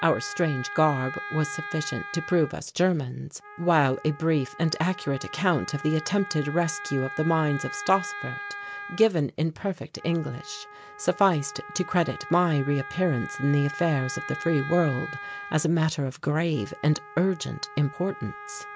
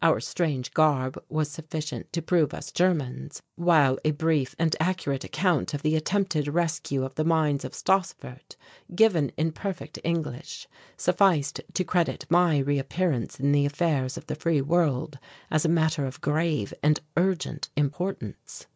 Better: second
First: background sound (Wind instrument, woodwind instrument); 13 dB below the speech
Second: none

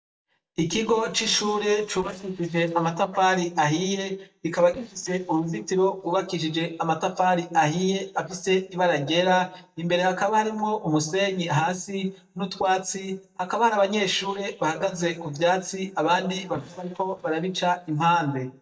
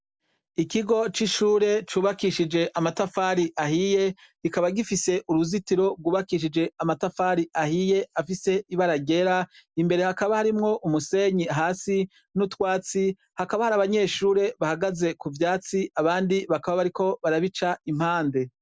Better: second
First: noise reduction (neural mask model DeepFilterNet 3)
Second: none

